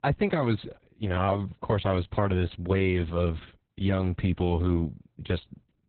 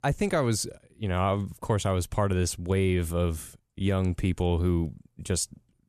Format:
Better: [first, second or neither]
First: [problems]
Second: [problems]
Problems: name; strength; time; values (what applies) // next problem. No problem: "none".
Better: second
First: garbled, watery; badly; nothing above 4 kHz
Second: none